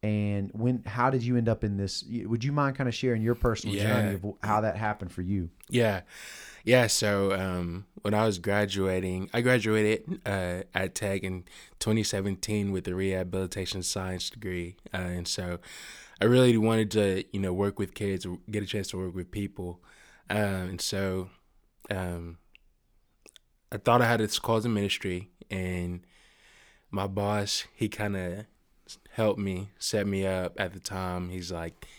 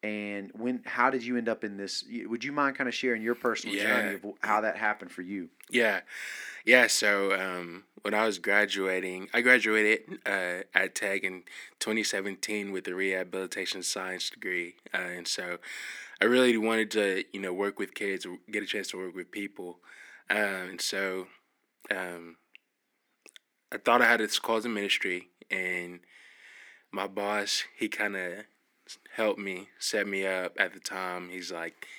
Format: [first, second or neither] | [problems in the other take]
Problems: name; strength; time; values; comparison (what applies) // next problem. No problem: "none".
first | thin; somewhat; fading below 250 Hz